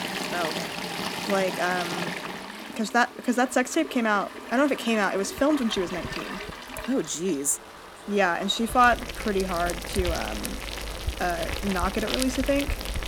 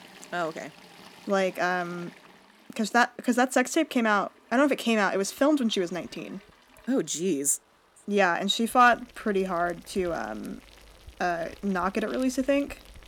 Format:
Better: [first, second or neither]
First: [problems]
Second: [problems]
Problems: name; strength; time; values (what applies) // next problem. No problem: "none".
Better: second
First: household noises; loud; throughout; 7 dB below the speech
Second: household noises; faint; throughout; 25 dB below the speech